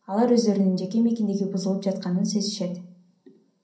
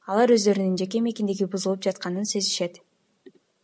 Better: second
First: room echo; dies away in 0.6 s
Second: none

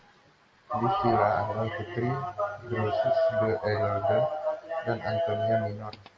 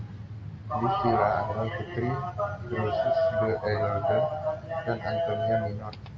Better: first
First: none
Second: background sound (Train); 13 dB below the speech

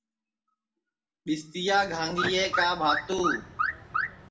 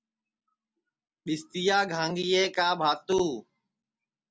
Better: second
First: background sound (Alarm / Car); 1 dB below the speech // room echo; dies away in 0.6 s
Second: none

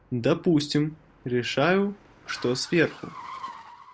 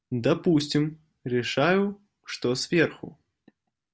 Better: second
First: background sound (Car); 18 dB below the speech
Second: none

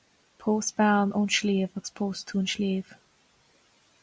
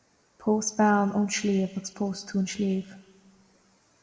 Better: first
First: none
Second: room echo; dies away in 1.2 s

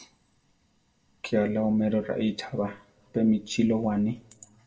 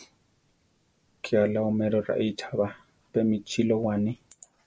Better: second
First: room echo; dies away in 0.3 s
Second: none

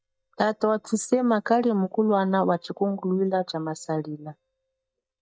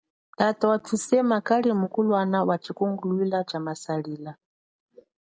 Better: second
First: noise reduction (neural mask model DeepFilterNet 3)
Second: none

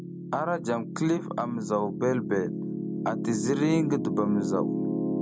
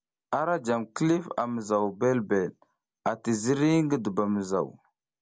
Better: second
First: background sound (Piano); 2 dB below the speech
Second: none

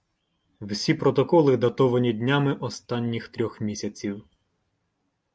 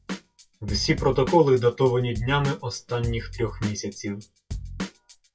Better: first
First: none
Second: noise reduction (classical method WPE with log-MMSE)

